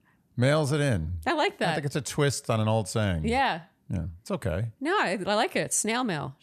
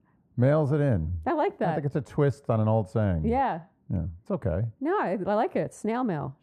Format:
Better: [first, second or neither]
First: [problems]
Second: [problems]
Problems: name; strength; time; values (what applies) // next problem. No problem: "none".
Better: first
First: none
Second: muffled; very; fading above 2 kHz